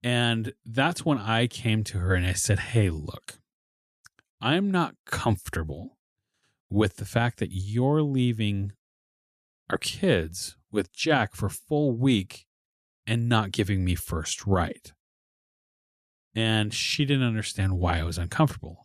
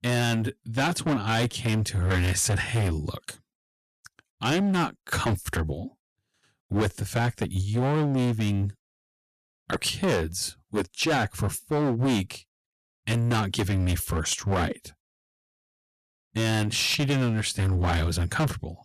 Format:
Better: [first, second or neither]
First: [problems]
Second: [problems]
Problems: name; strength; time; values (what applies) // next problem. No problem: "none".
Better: first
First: none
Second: distortion; heavy; 15% of the sound clipped